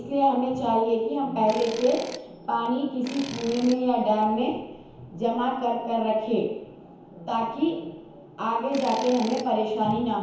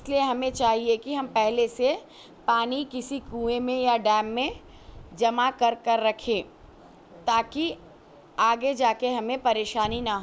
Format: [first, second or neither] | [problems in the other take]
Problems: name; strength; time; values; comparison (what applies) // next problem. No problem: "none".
second | background sound (Tools); 15 dB below the speech // room echo; dies away in 1 s